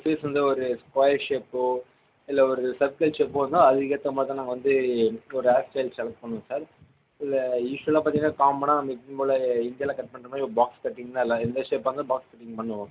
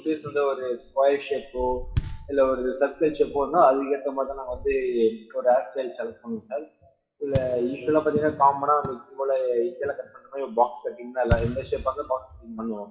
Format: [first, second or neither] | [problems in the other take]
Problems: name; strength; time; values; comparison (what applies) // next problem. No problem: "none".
first | noise reduction (classical method WPE with log-MMSE)